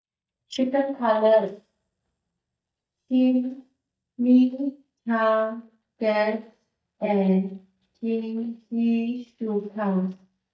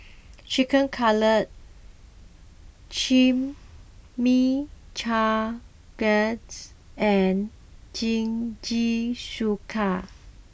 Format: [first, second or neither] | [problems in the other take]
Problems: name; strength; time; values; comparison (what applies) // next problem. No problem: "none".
second | noise reduction (neural mask model DeepFilterNet 3)